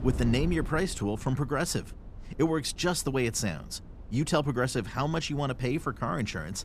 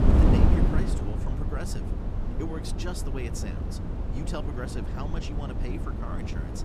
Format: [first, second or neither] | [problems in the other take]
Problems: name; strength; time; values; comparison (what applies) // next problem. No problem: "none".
first | wind noise on the microphone; heavy; 2 dB above the speech; occasional gusts in the first